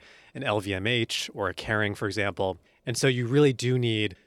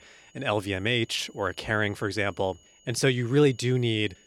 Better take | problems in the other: first | high-pitched whine; faint; throughout; 3 kHz, 30 dB below the speech

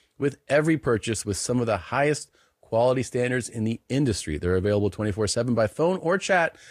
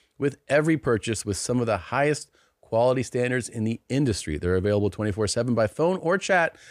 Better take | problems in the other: second | garbled, watery; slightly

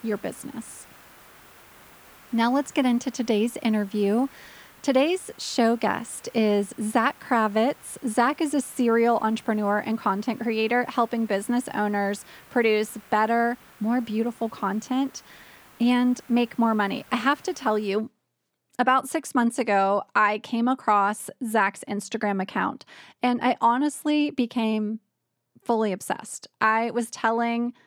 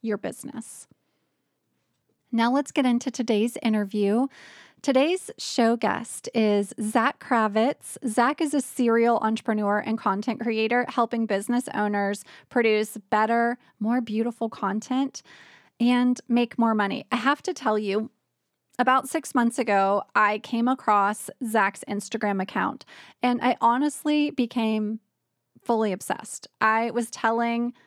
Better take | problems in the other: second | hiss; faint; until 18 s; 25 dB below the speech

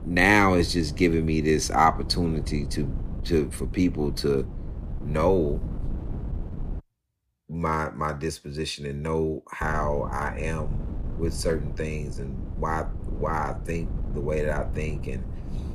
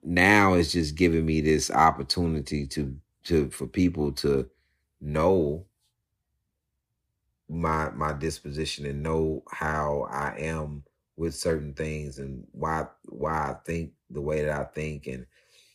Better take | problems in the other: second | wind noise on the microphone; occasional gusts; until 7 s and from 9.5 s on; 20 dB below the speech

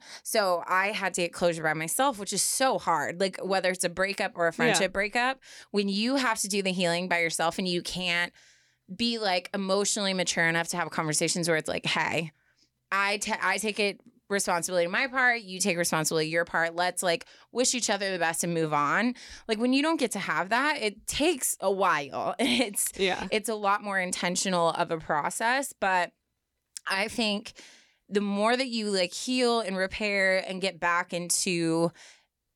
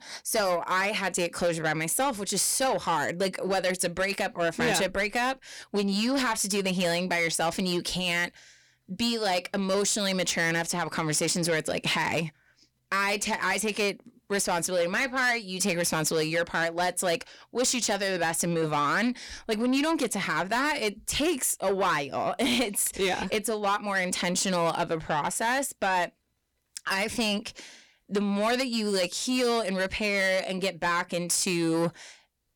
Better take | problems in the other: first | distortion; slight; 10 dB below the speech

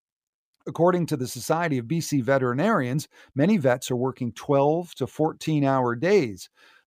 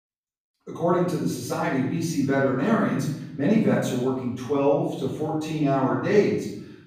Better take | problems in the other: first | room echo; noticeable; dies away in 0.8 s // off-mic speech; far

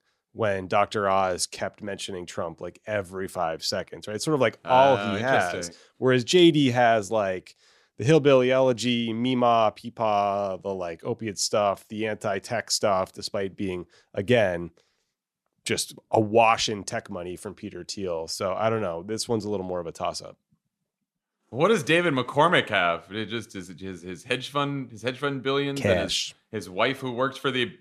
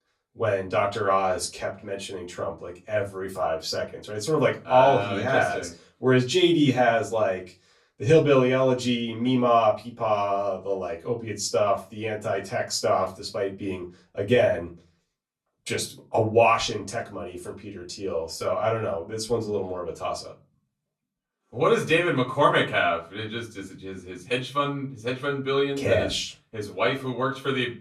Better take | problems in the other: first | off-mic speech; far // room echo; very slight; dies away in 0.2 s

